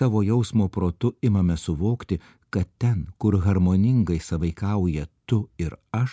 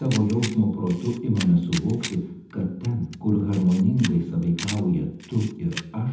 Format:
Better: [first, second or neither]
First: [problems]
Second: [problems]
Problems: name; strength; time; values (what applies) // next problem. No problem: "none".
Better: first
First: none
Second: background sound (Camera); 16 dB below the speech // room echo; dies away in 0.8 s